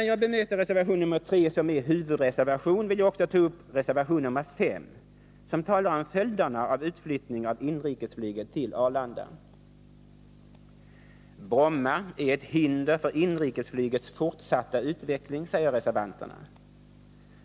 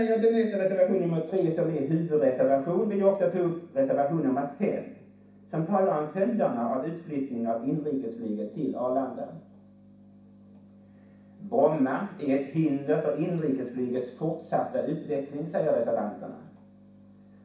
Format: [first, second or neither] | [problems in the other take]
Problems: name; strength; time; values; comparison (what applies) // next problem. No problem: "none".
first | room echo; dies away in 0.6 s